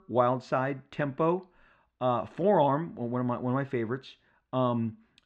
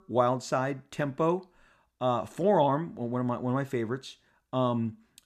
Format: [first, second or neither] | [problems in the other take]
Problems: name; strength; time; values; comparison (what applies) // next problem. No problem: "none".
second | muffled; slightly; fading above 2.5 kHz